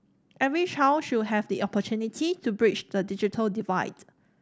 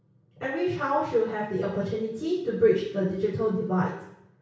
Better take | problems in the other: first | room echo; dies away in 0.6 s

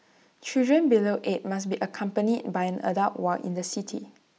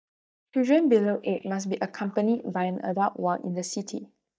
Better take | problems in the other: first | noise reduction (neural mask model DeepFilterNet 3)

